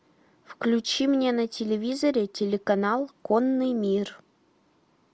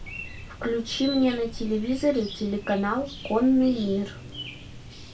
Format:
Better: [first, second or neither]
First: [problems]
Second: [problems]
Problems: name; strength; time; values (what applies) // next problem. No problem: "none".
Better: first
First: none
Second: background sound (Chirp, tweet); 13 dB below the speech // room echo; dies away in 0.2 s